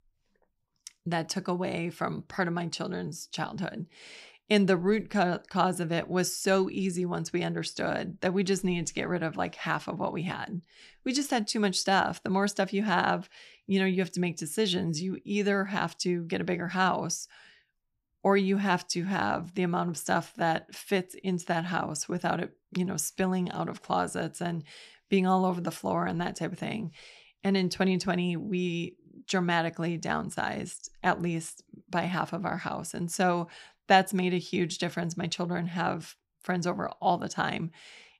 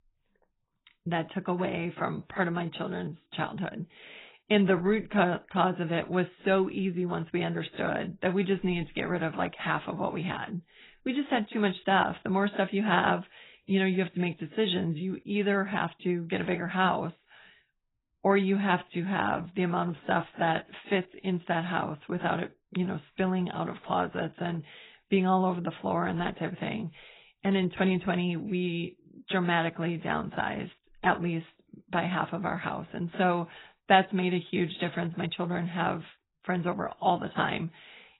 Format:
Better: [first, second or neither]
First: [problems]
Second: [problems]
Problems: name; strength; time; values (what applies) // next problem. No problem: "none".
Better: first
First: none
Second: garbled, watery; badly; nothing above 4 kHz